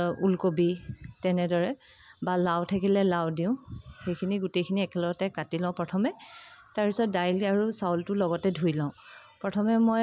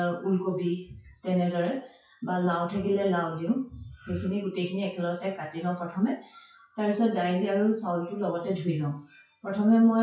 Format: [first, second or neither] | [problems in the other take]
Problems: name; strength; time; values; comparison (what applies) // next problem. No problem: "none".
first | noise reduction (classical method WPE with log-MMSE)